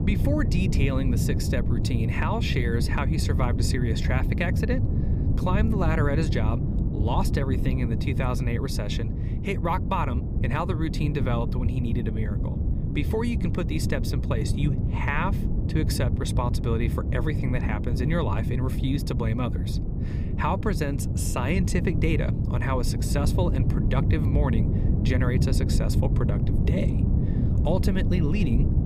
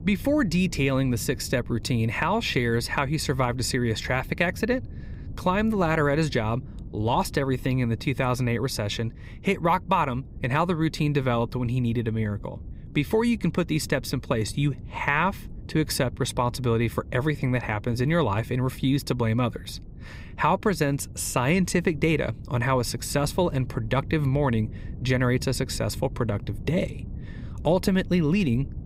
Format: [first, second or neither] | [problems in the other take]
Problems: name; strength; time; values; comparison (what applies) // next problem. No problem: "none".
second | wind noise on the microphone; heavy; 6 dB below the speech; occasional gusts in the second